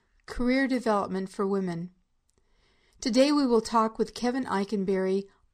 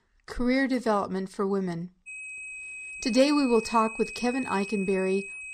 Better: first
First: none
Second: high-pitched whine; noticeable; from 2 s on; 2.5 kHz, 10 dB below the speech

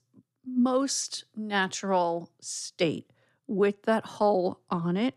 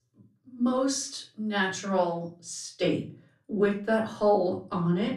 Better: first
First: none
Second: room echo; slight; dies away in 0.4 s // off-mic speech; far

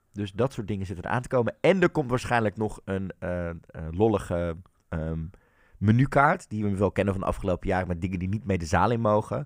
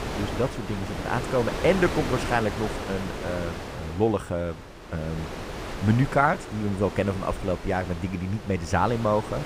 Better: first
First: none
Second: wind noise on the microphone; heavy; 8 dB below the speech

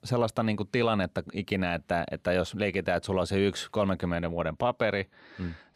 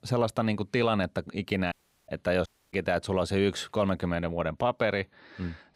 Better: first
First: none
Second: audio cutting out; at 1.5 s and at 2.5 s

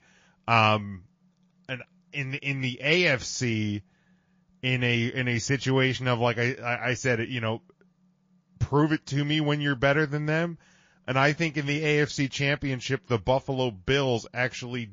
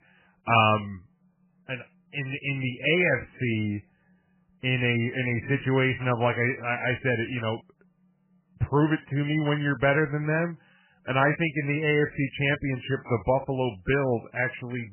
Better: first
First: garbled, watery; slightly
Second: garbled, watery; badly; nothing above 3 kHz

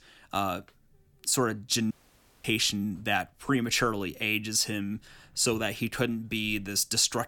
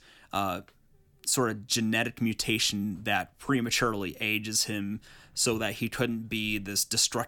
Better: second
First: audio cutting out; at 2 s for 0.5 s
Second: none

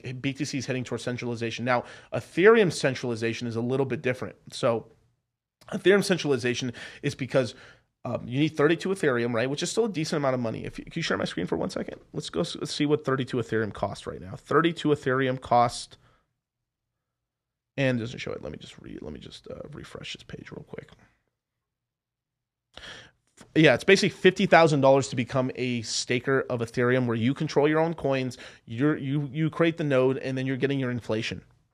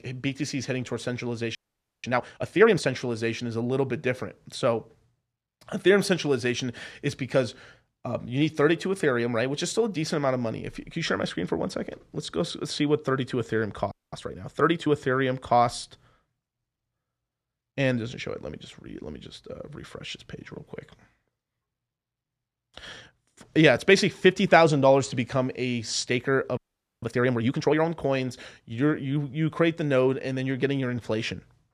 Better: first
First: none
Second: audio freezing; at 1.5 s, at 14 s and at 27 s

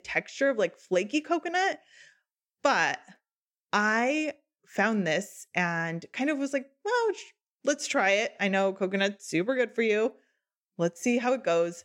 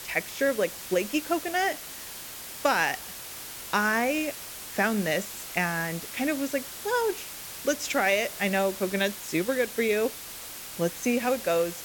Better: first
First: none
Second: hiss; loud; throughout; 9 dB below the speech

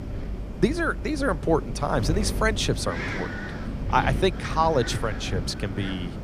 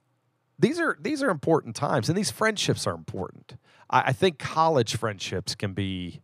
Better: second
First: wind noise on the microphone; occasional gusts; 10 dB below the speech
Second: none

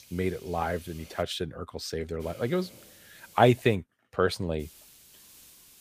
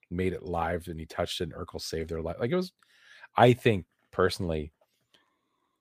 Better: second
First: hiss; faint; until 1 s, from 2 to 4 s and from 4.5 s on; 20 dB below the speech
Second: none

